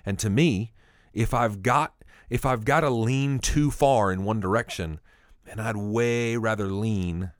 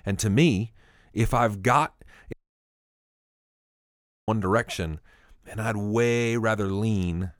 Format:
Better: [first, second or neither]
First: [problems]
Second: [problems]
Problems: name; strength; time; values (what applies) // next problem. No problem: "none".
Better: first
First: none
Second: audio cutting out; at 2.5 s for 2 s